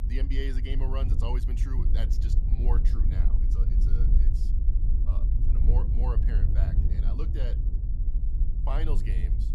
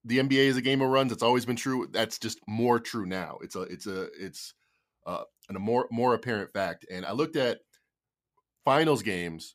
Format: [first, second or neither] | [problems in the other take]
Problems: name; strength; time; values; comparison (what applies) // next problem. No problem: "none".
second | low rumble; loud; throughout; 4 dB below the speech